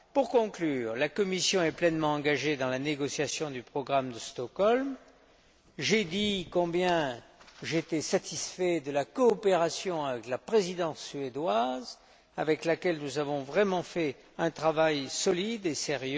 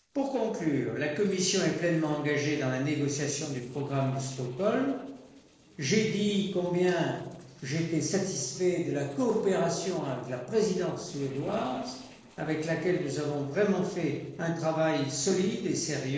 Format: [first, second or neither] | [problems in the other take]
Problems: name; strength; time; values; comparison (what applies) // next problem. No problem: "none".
first | noise reduction (neural separator model SepFormer DNS4)